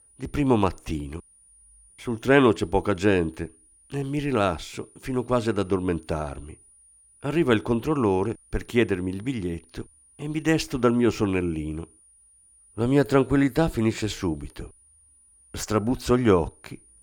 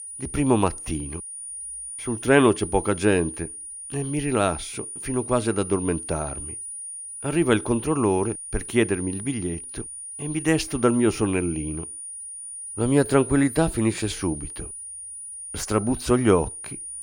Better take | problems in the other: first | high-pitched whine; loud; throughout; 9.5 kHz, 10 dB below the speech; faint in the first

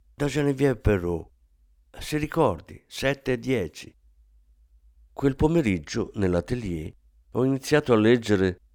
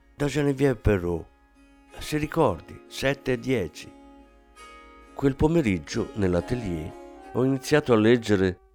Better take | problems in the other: first | background music; faint; throughout; 25 dB below the speech

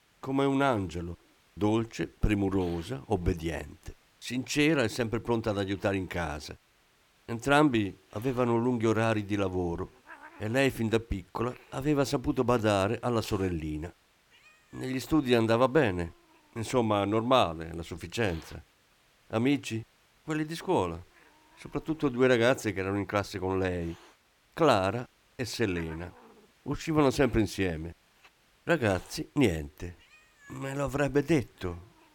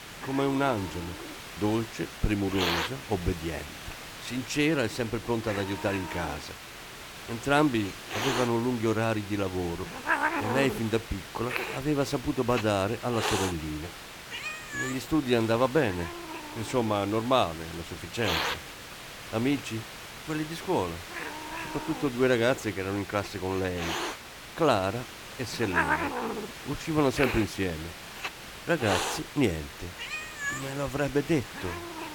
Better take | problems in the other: first | hiss; loud; throughout; 6 dB below the speech; faint in the first

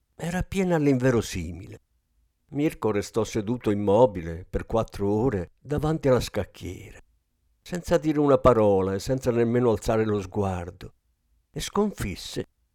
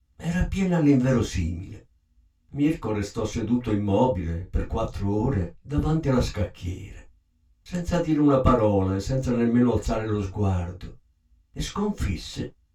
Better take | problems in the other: first | room echo; slight; dies away in 0.2 s // off-mic speech; far

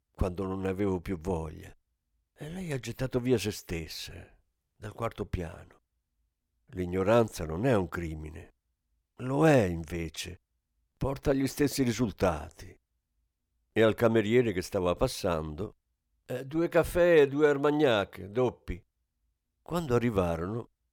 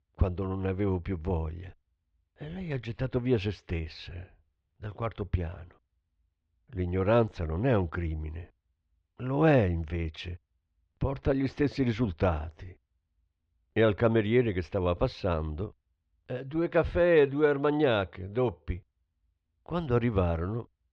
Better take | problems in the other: first | muffled; slightly; fading above 4 kHz

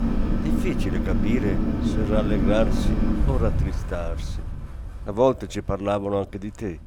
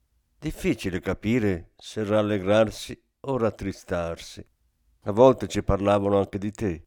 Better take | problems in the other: second | wind in the background; very loud; throughout; 2 dB above the speech

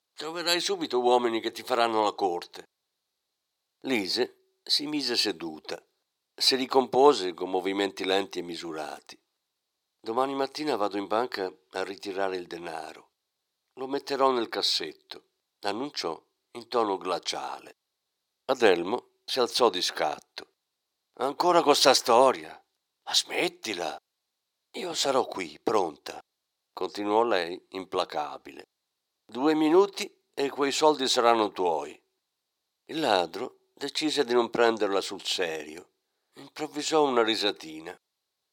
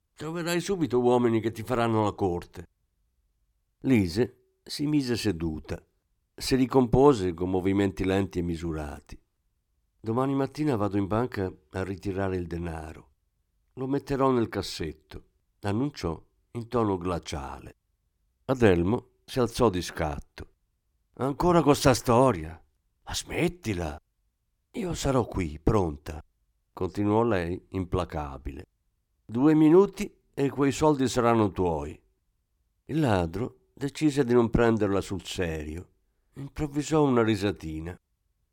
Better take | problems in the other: second | thin; somewhat; fading below 500 Hz

